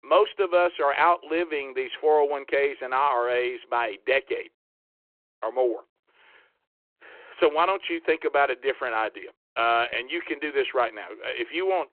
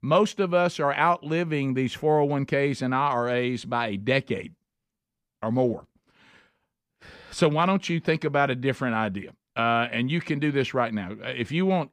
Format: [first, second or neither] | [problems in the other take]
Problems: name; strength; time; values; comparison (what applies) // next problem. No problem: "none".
second | phone-call audio